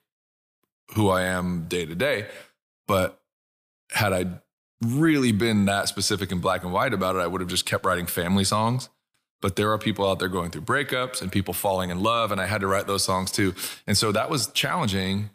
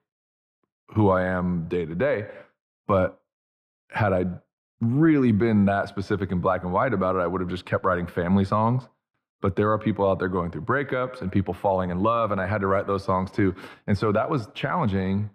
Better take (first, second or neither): first